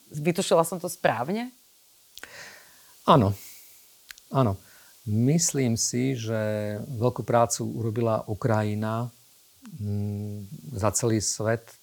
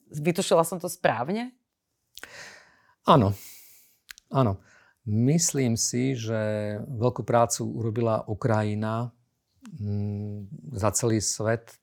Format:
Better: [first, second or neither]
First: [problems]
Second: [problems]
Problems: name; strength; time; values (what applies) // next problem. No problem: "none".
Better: second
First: hiss; faint; throughout; 25 dB below the speech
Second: none